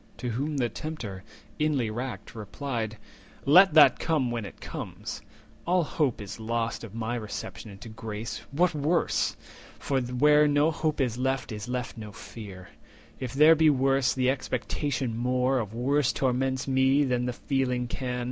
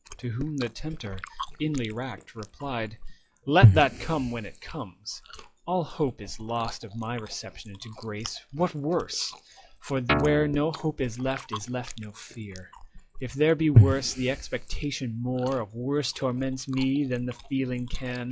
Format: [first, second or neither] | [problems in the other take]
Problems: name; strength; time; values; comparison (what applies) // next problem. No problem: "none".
first | noise reduction (classical method log-MMSE)